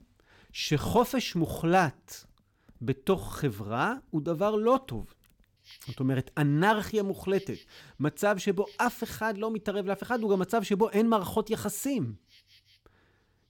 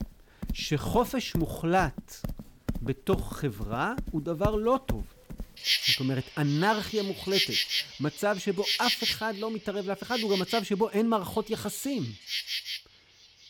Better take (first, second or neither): first